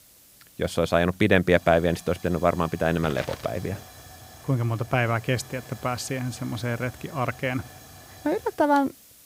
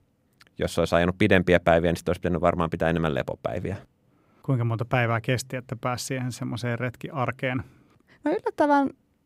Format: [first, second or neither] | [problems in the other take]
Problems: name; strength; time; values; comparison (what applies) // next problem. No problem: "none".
second | hiss; noticeable; throughout; 20 dB below the speech